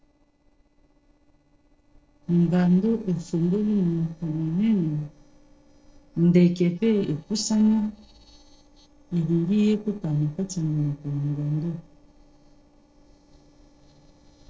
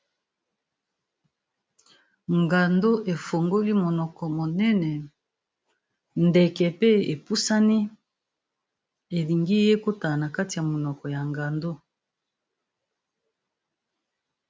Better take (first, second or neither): second